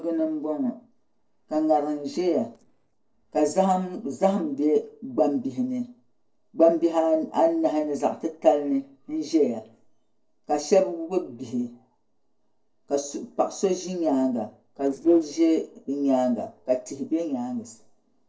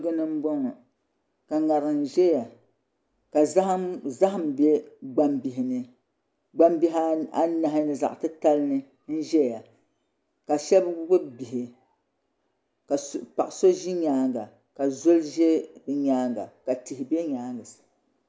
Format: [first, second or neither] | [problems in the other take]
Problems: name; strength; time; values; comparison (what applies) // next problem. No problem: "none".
second | noise reduction (neural separator model SepFormer DNS4)